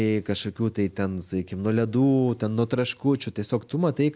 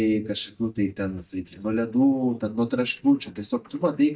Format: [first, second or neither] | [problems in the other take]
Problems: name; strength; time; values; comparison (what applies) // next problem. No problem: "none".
first | noise reduction (neural mask model DeepFilterNet 3)